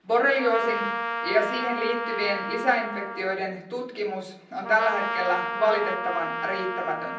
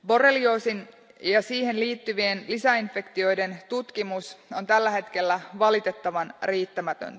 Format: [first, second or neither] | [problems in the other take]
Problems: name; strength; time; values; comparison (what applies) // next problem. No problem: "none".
second | background sound (Trumpet); 5 dB below the speech // room echo; dies away in 0.6 s